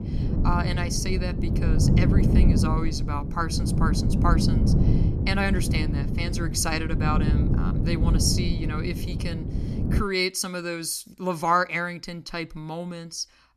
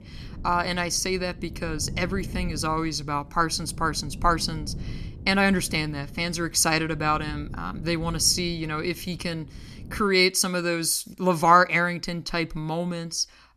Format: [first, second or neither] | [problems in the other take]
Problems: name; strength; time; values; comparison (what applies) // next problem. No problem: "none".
second | wind noise on the microphone; heavy; until 10 s; 6 dB below the speech; occasional gusts in the second